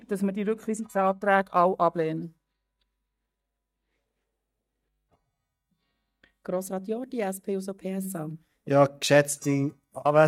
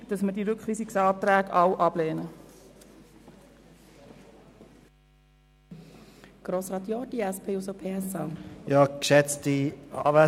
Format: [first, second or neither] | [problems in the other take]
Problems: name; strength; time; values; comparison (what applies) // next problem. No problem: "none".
second | noise reduction (neural mask model DeepFilterNet 3)